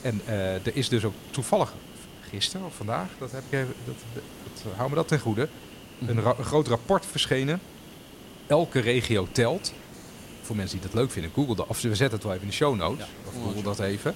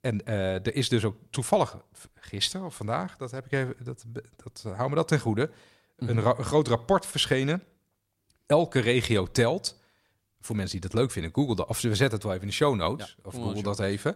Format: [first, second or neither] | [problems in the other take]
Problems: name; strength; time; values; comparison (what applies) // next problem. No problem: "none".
second | hiss; noticeable; throughout; 15 dB below the speech